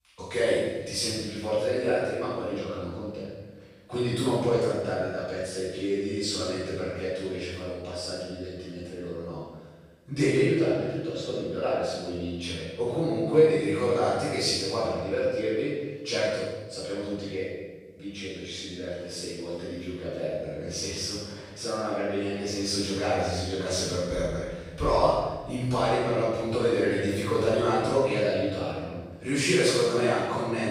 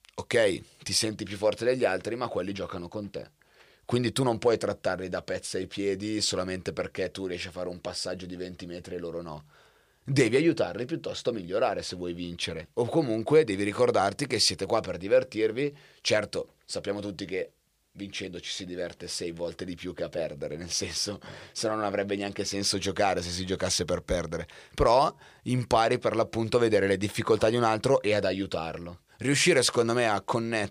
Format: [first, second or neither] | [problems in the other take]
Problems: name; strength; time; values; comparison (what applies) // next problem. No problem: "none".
second | off-mic speech; far // room echo; strong; dies away in 1.2 s